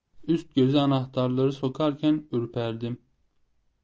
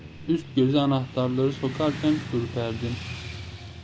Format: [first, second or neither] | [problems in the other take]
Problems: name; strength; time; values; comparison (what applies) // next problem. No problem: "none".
first | background sound (Motorcycle / Traffic noise, roadway noise); 11 dB below the speech